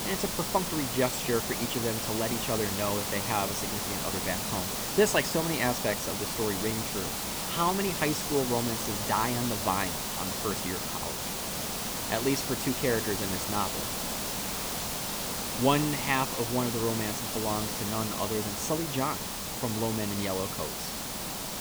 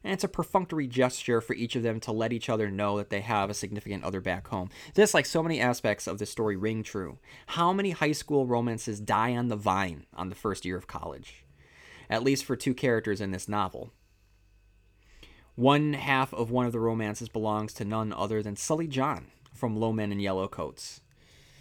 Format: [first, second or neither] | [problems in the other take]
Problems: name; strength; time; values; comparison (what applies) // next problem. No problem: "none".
second | hiss; loud; throughout; as loud as the speech